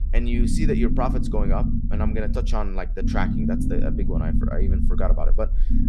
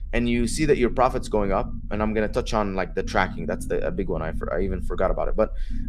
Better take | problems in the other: second | low rumble; loud; throughout; 4 dB below the speech; faint in the second

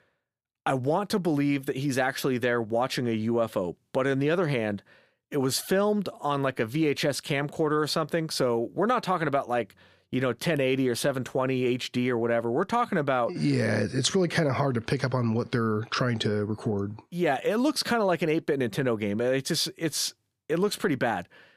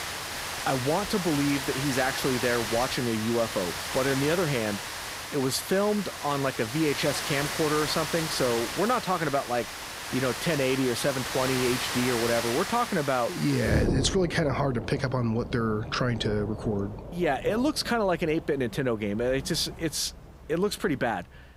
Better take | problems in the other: first | rain or running water; loud; throughout; 5 dB below the speech

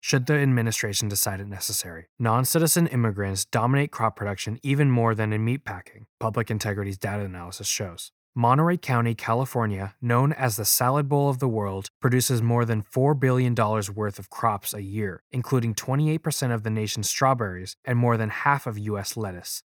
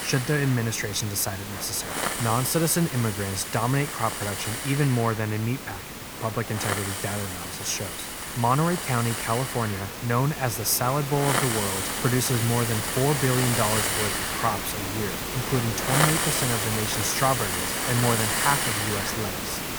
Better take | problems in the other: first | hiss; loud; throughout; 1 dB below the speech

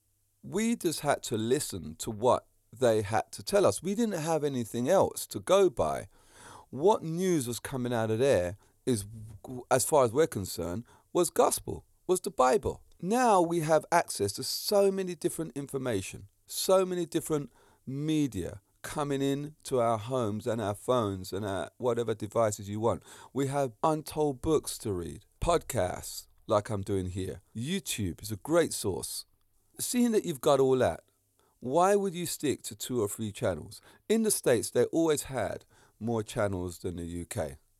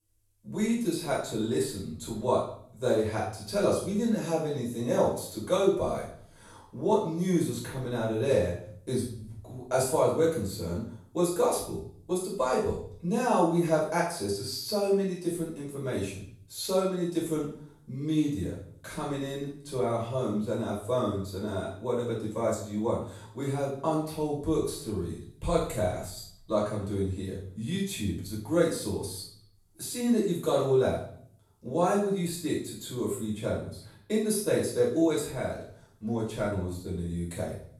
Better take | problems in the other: first | off-mic speech; far // room echo; noticeable; dies away in 0.5 s

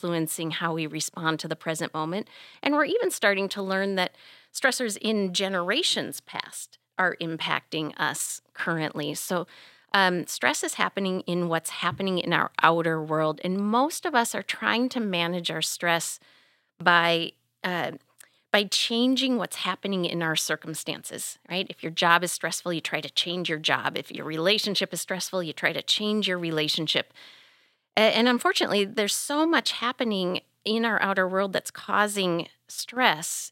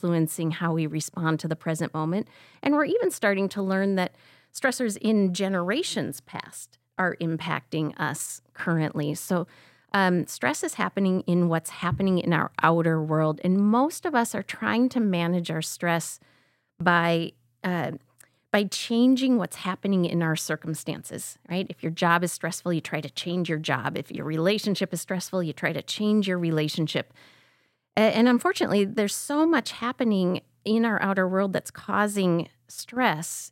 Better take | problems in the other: second | thin; very slightly; fading below 900 Hz

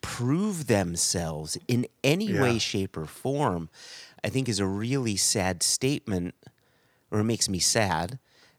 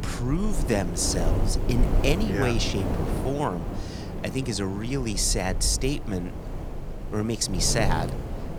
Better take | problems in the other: first | wind noise on the microphone; heavy; 8 dB below the speech

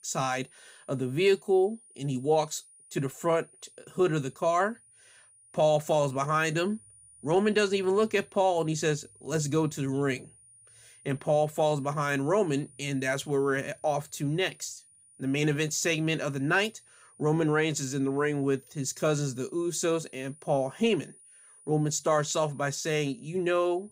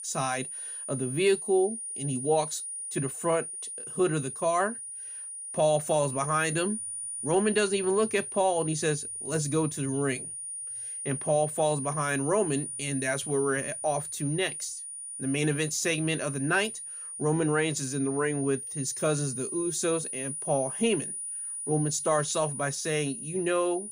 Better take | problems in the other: first | high-pitched whine; loud; throughout; 9.5 kHz, 6 dB below the speech; faint in the first

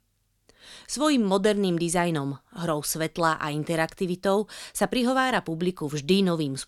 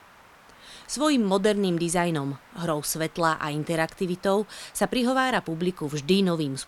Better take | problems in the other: first | hiss; faint; throughout; 25 dB below the speech

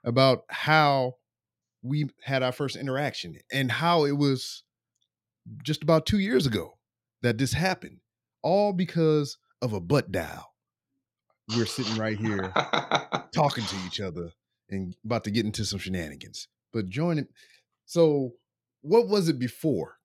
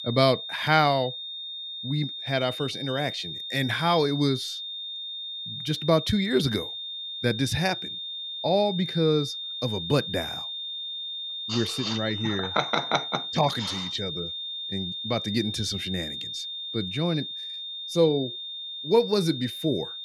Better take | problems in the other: first | high-pitched whine; loud; throughout; 3.5 kHz, 6 dB below the speech

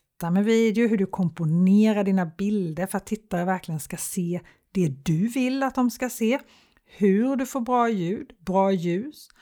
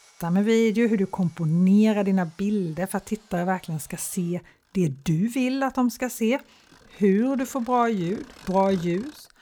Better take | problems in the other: first | machinery noise; faint; throughout; 25 dB below the speech

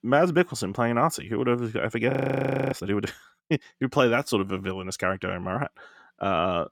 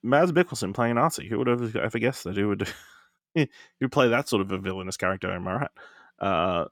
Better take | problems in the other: second | audio freezing; at 2 s for 0.5 s

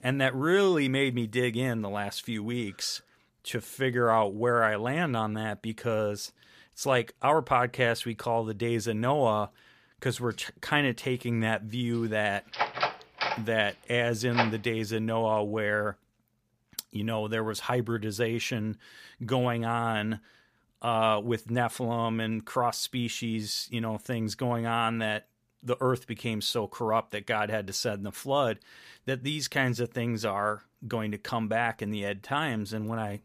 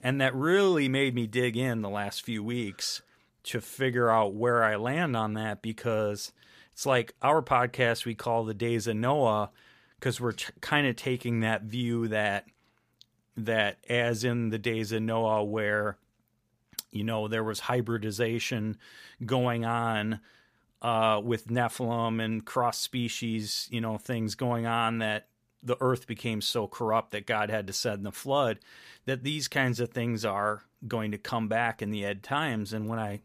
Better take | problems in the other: second | door banging; loud; from 13 to 14 s; peak level with the speech

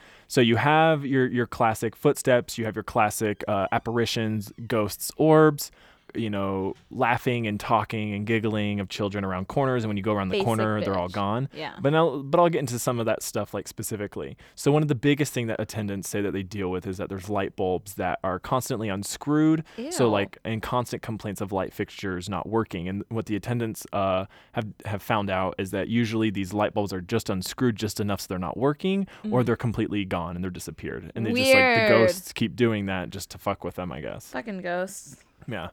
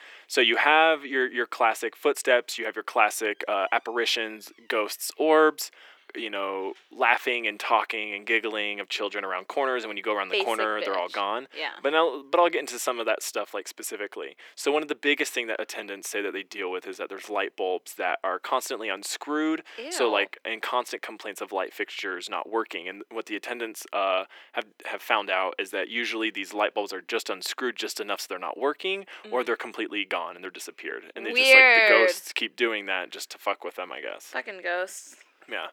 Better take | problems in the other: first | thin; very; fading below 350 Hz

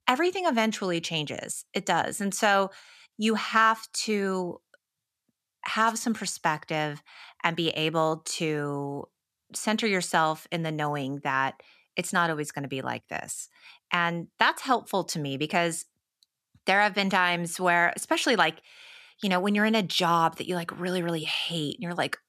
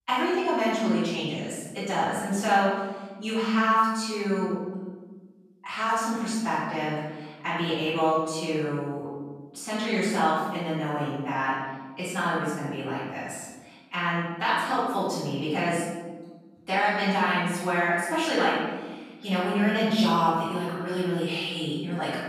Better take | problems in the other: first | off-mic speech; far // room echo; strong; dies away in 1.3 s

